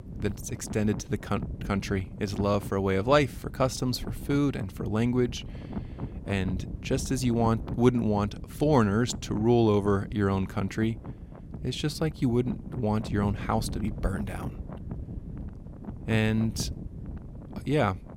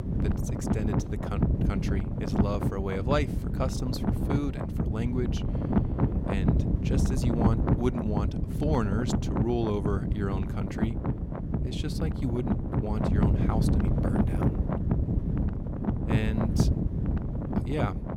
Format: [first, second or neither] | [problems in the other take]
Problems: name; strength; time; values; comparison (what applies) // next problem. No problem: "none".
first | wind noise on the microphone; heavy; as loud as the speech; occasional gusts in the first